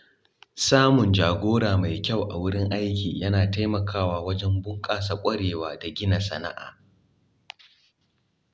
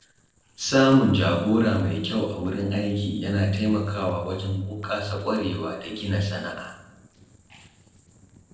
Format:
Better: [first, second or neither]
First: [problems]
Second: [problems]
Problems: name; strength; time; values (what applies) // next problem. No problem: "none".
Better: first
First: none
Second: noise reduction (neural separator model SepFormer DNS4)